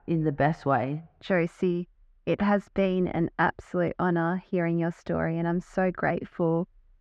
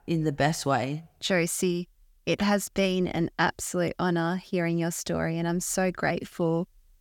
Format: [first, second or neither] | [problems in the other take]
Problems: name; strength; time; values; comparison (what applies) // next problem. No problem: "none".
second | muffled; very; fading above 1.5 kHz